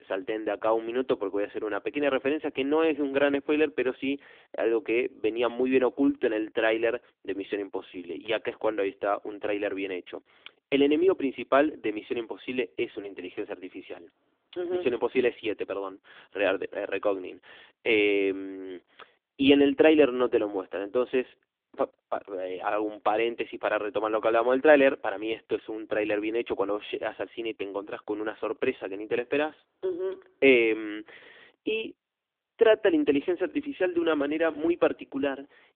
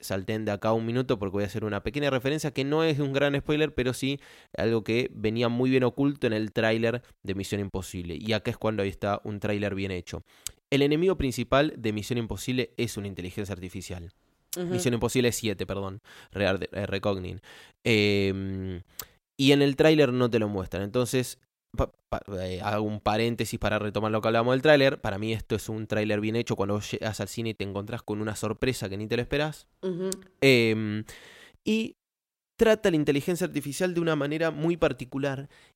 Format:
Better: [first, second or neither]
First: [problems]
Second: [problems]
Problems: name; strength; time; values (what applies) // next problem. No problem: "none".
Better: second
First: phone-call audio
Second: none